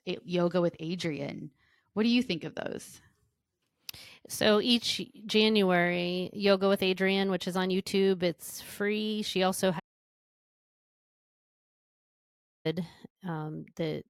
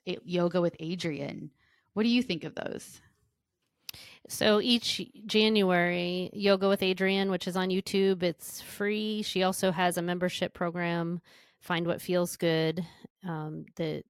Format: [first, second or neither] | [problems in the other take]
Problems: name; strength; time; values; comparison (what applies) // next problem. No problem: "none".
second | audio cutting out; at 10 s for 3 s